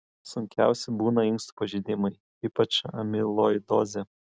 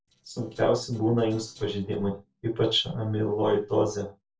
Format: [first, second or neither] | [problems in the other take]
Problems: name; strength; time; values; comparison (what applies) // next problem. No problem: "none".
first | noise reduction (neural separator model SepFormer DNS4)